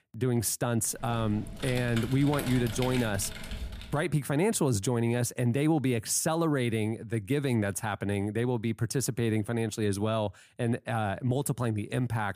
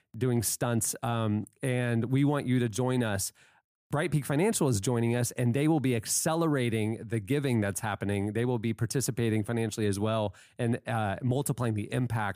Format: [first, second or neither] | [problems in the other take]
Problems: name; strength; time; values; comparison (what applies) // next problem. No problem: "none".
second | keyboard typing; noticeable; from 1 to 4 s; peak 8 dB below the speech